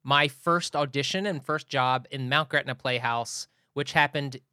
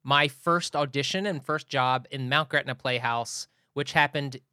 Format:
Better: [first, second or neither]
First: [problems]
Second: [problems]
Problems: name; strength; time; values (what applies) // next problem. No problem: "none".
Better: neither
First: none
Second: none